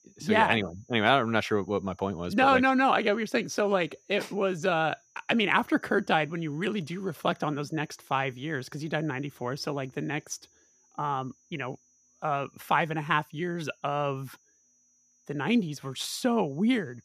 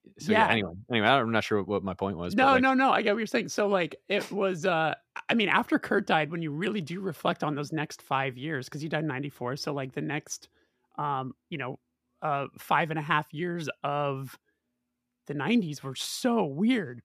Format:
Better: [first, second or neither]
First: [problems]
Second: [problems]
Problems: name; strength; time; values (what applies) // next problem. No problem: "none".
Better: second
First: high-pitched whine; faint; throughout; 6 kHz, 35 dB below the speech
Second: none